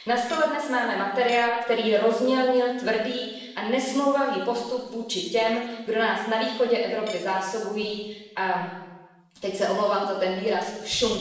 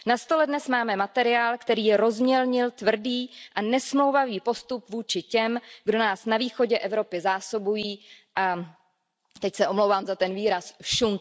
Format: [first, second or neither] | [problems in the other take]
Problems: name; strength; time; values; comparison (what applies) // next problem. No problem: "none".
second | background sound (Cutlery, silverware / Dishes, pots, and pans); 18 dB below the speech // room echo; dies away in 1.1 s